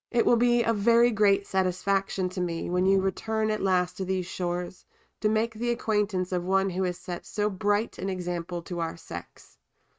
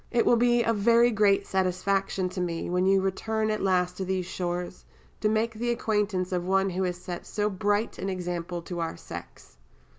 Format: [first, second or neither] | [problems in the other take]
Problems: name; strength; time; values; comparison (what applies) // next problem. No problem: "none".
second | noise reduction (neural mask model RNNoise)